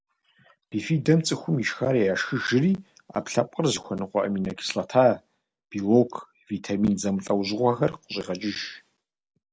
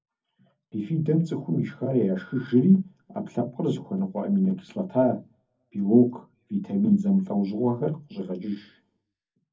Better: first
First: none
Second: room echo; dies away in 0.3 s

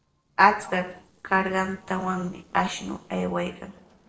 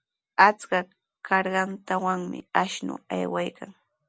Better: second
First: noise reduction (neural separator model SepFormer DNS4)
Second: none

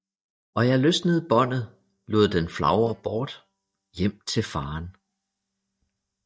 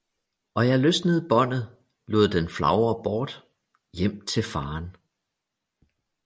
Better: second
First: noise reduction (neural mask model DeepFilterNet 3)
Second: none

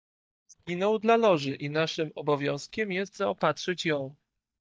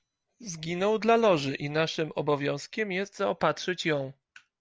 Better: second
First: noise reduction (neural mask model DeepFilterNet 3)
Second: none

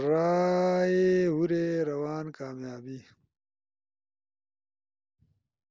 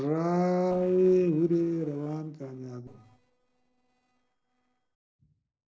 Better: first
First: none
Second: noise reduction (neural separator model SepFormer DNS4)

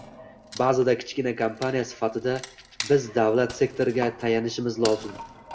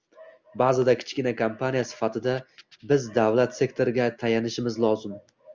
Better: second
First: background sound (Wood); 16 dB below the speech // room echo; dies away in 0.4 s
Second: none

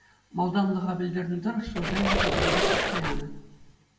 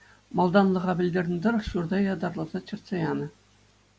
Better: second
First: background sound (Squeak); 4 dB above the speech // room echo; dies away in 0.6 s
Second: none

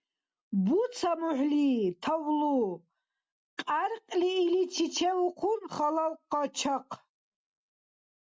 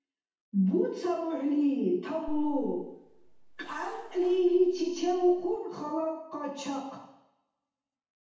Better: first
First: none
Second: background sound (Zipper (clothing)); 12 dB below the speech // room echo; dies away in 0.8 s

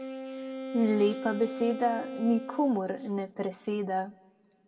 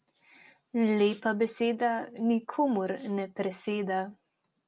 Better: second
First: background sound (Wind instrument, woodwind instrument); 10 dB below the speech // room echo; dies away in 0.2 s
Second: none

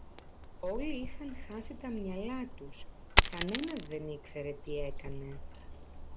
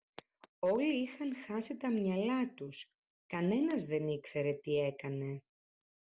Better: second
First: background sound (Coin (dropping)); 4 dB above the speech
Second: none

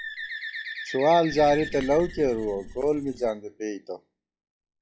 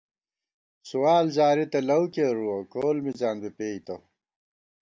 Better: second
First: noise reduction (classical method log-MMSE)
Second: none

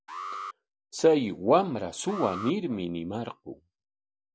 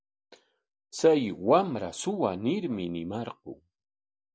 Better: second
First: background sound (Alarm); 14 dB below the speech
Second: none

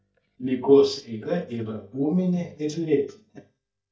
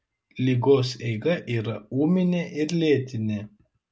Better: second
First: noise reduction (neural mask model DeepFilterNet 3)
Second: none

